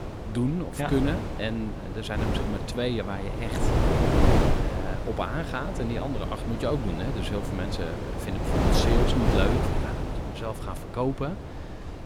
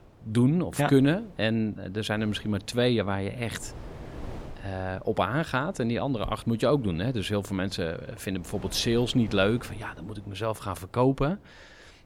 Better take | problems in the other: second | wind noise on the microphone; heavy; 1 dB above the speech; occasional gusts in the second

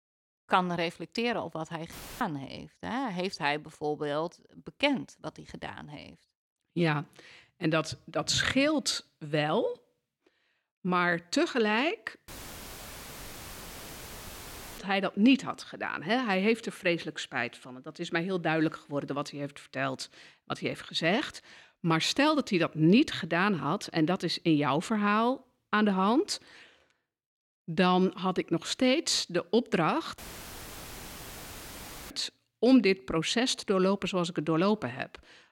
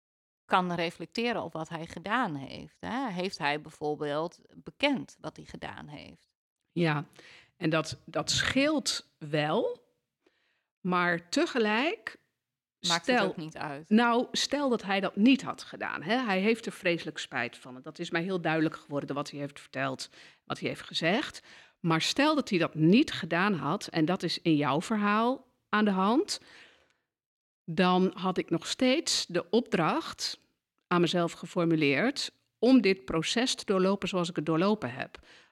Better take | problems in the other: second | audio cutting out; filled with static; at 2 s, at 12 s for 2.5 s and at 30 s for 2 s

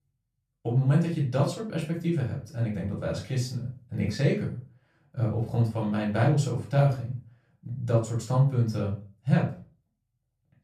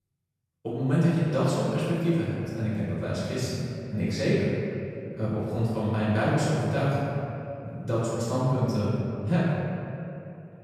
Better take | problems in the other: first | room echo; strong; dies away in 2.4 s; slight in the first // off-mic speech; far; far in the first

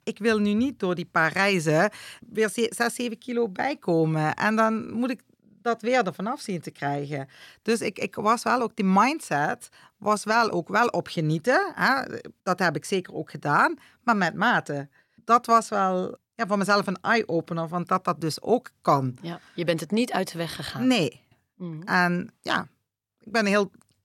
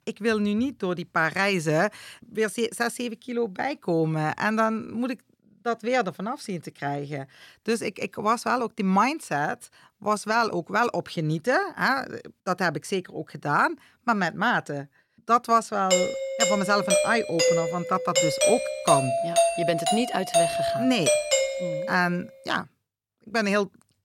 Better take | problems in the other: first | doorbell; loud; from 16 to 22 s; peak 5 dB above the speech

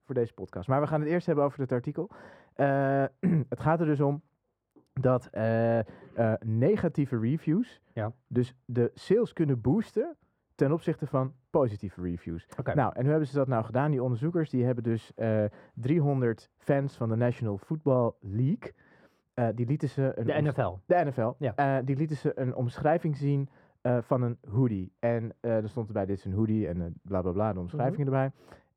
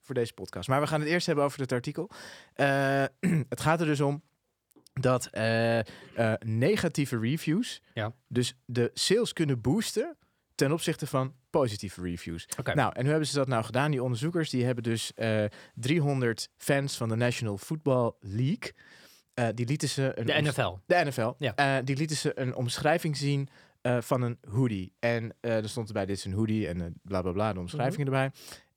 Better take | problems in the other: second | muffled; very; fading above 2 kHz

